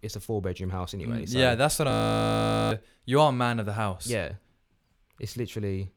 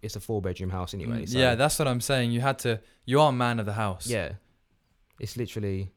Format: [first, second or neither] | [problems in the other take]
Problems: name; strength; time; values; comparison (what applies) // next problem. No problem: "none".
second | audio freezing; at 2 s for 1 s